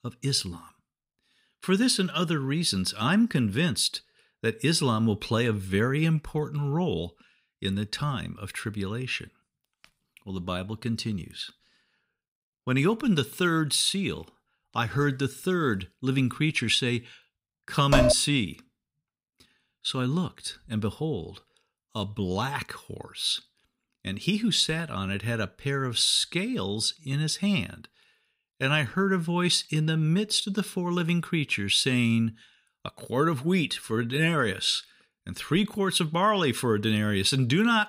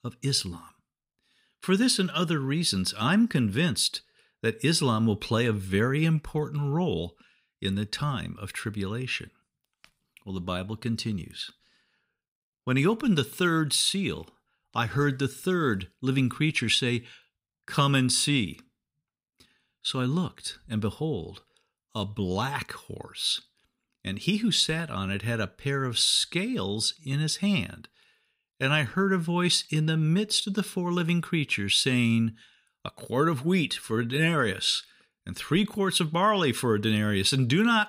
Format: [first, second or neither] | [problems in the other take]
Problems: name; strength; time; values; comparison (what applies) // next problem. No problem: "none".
second | clattering dishes; loud; at 18 s; peak 3 dB above the speech